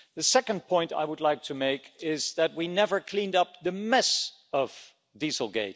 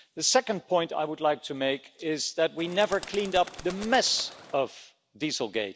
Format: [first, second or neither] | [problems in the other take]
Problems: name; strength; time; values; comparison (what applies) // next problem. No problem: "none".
first | background sound (Bird); 15 dB below the speech